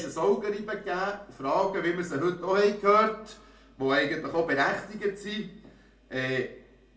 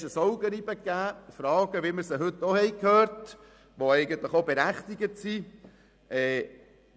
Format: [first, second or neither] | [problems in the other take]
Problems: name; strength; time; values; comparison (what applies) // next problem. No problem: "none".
second | room echo; dies away in 0.3 s